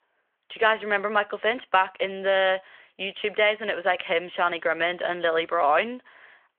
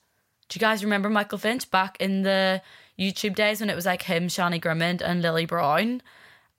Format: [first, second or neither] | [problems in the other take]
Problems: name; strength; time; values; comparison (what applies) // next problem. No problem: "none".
second | phone-call audio; nothing above 3 kHz